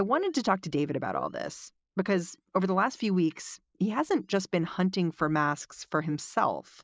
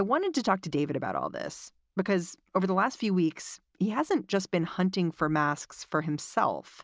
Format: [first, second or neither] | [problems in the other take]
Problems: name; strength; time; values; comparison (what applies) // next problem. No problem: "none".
second | noise reduction (neural mask model Resemble Enhance denoiser)